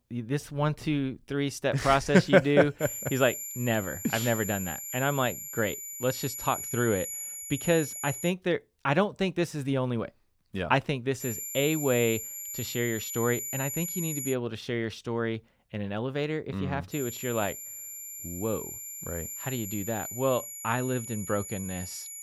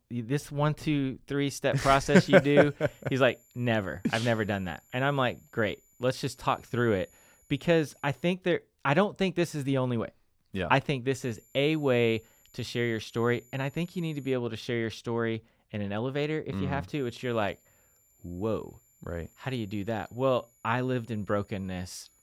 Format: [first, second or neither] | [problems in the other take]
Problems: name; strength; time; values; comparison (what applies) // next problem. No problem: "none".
second | high-pitched whine; loud; from 3 to 8.5 s, from 11 to 14 s and from 17 s on; 7 kHz, 6 dB below the speech; faint in the second